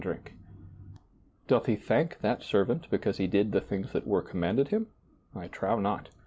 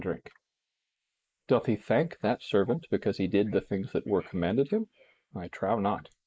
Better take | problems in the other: first | noise reduction (neural mask model Resemble Enhance denoiser)

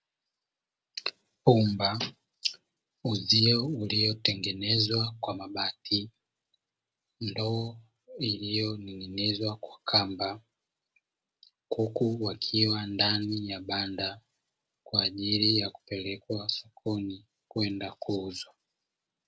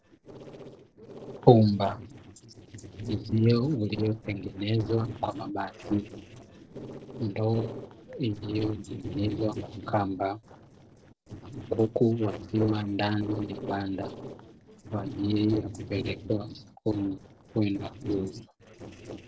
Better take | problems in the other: first | noise reduction (neural separator model SepFormer DNS4)

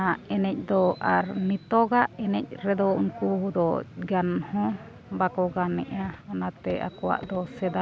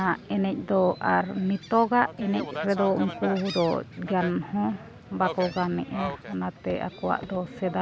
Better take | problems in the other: first | background sound (Gull, seagull); 13 dB below the speech

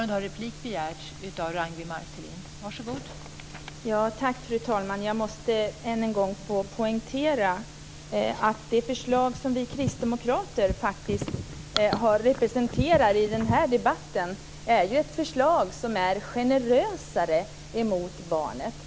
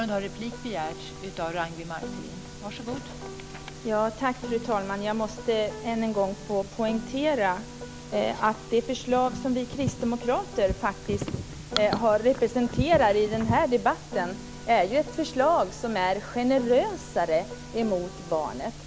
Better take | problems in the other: first | background sound (Piano); 16 dB below the speech

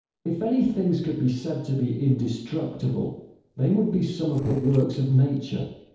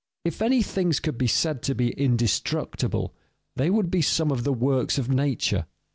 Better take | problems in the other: second | noise reduction (neural separator model SepFormer DNS4)

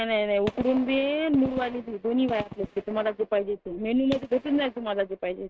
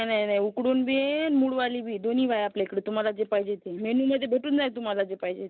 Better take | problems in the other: second | noise reduction (neural mask model RNNoise)

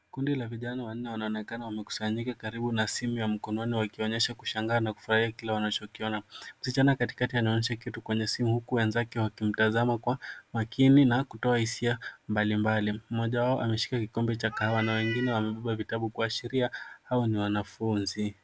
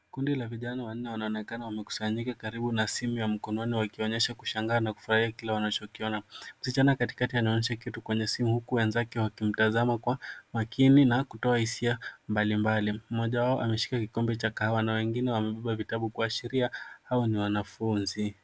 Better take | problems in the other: second | background sound (Meow); 11 dB below the speech

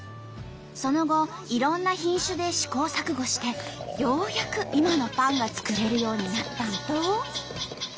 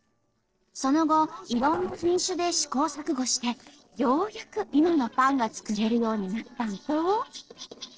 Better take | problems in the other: first | noise reduction (neural separator model SepFormer DNS4)

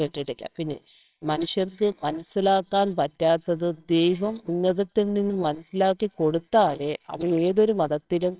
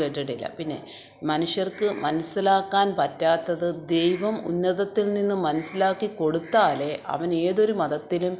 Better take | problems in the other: second | noise reduction (neural separator model SepFormer WHAMR!)

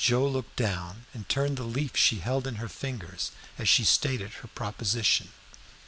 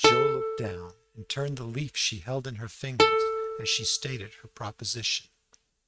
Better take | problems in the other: first | noise reduction (neural mask model RNNoise)

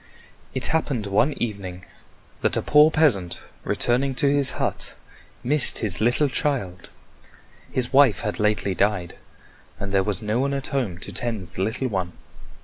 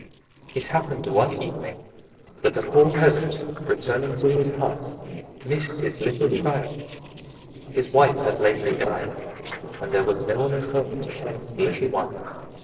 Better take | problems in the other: first | noise reduction (neural separator model SepFormer DNS4)

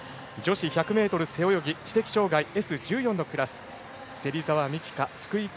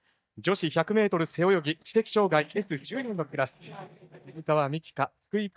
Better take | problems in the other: first | noise reduction (neural mask model DeepFilterNet 3)

